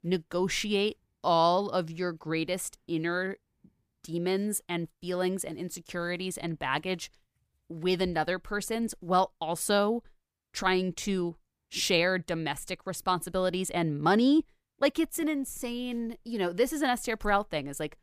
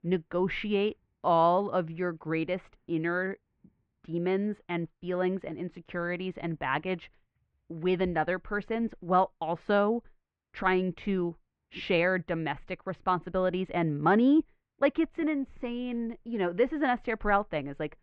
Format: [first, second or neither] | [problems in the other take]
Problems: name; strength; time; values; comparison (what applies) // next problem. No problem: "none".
first | muffled; very; fading above 2.5 kHz